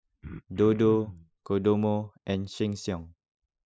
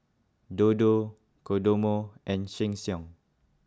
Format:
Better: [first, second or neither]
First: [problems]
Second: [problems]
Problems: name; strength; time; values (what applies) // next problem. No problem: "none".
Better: second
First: noise reduction (classical method spectral subtraction)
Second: none